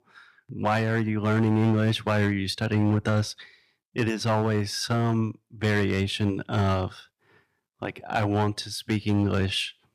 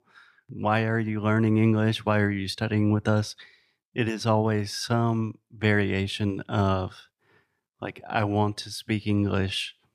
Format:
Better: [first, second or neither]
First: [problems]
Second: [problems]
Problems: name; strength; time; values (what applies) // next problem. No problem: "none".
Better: second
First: distortion; slight; 5% of the sound clipped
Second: none